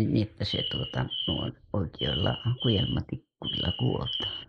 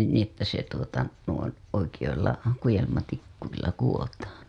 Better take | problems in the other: second | noise reduction (neural mask model Resemble Enhance denoiser)

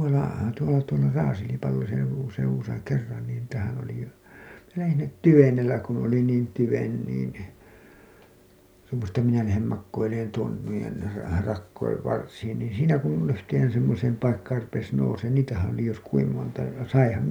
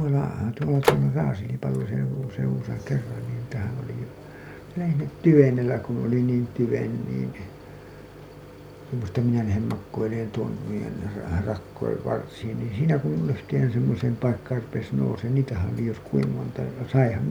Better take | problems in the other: first | background sound (Microwave oven); 13 dB below the speech

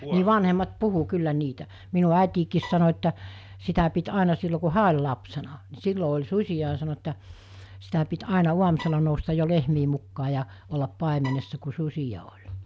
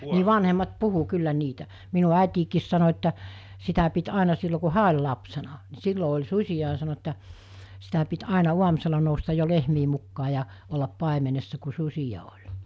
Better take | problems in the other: second | background sound (Bowed string instrument); 18 dB below the speech

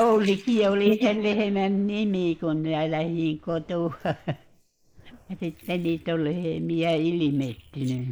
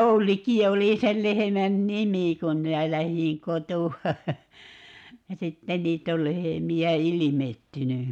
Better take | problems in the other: second | noise reduction (neural mask model Resemble Enhance denoiser)

